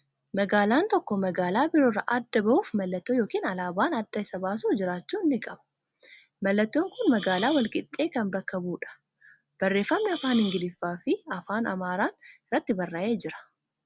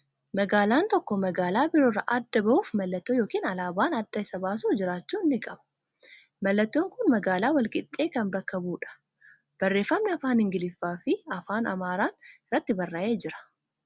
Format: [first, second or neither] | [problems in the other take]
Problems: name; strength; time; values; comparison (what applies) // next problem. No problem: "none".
second | background sound (Hiss); 14 dB below the speech